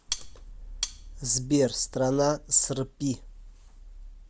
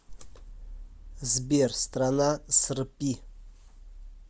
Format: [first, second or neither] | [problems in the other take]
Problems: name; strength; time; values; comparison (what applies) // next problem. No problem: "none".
second | background sound (Cutlery, silverware); 9 dB below the speech